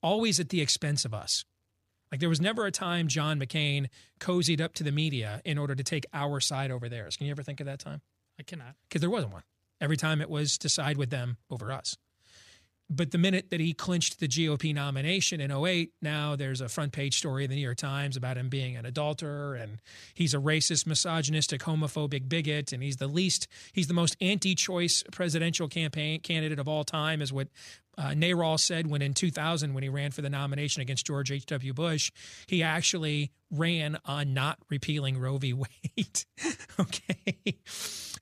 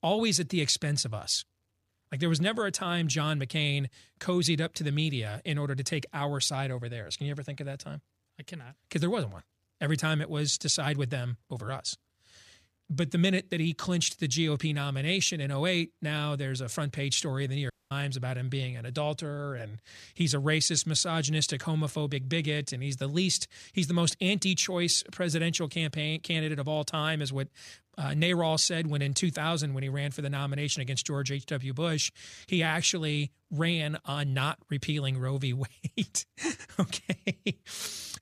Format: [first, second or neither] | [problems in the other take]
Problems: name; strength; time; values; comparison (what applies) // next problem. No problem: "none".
first | audio cutting out; at 18 s